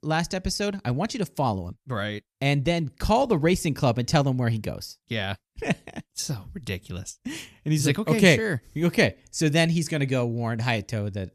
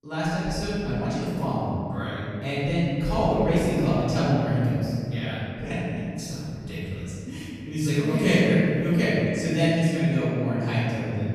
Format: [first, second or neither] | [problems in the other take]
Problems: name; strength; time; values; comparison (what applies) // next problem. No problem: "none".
first | room echo; strong; dies away in 2.8 s // off-mic speech; far